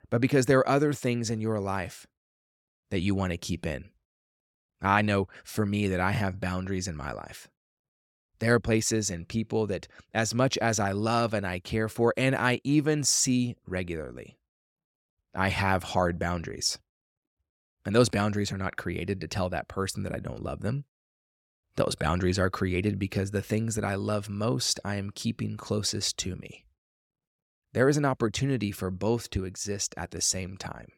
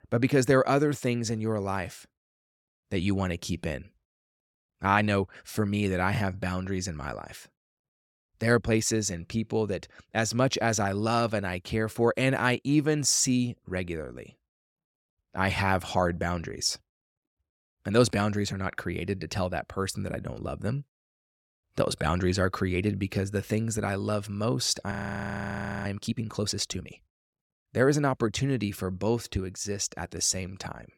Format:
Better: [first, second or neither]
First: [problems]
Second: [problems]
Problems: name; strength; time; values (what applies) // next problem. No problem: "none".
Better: first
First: none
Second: audio freezing; at 25 s for 1 s